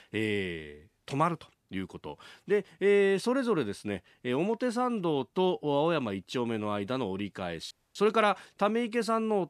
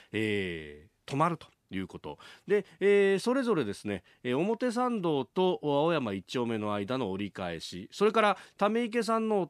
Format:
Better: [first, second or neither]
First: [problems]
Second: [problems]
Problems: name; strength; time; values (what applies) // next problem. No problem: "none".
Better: second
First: audio cutting out; at 7.5 s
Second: none